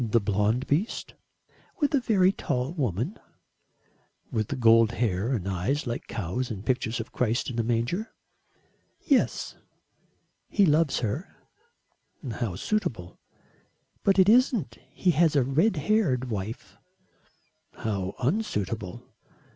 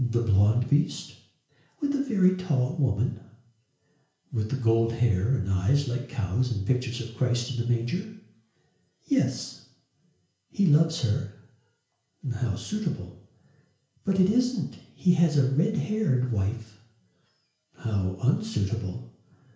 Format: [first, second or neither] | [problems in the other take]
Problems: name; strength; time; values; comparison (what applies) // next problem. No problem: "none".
first | room echo; dies away in 0.5 s